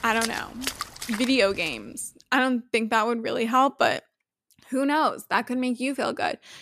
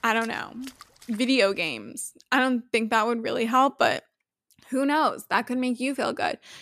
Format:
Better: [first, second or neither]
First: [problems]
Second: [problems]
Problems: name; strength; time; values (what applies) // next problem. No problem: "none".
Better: second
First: rain or running water; loud; until 1.5 s; 9 dB below the speech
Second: rain or running water; faint; until 1.5 s; 25 dB below the speech